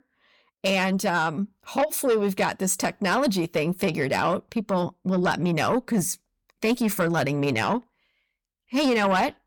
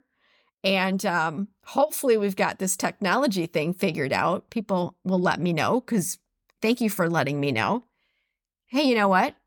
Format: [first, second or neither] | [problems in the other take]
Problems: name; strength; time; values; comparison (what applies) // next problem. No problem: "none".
second | distortion; slight; 10 dB below the speech